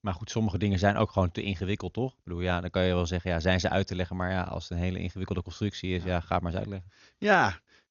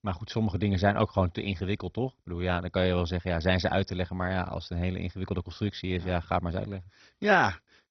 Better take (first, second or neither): first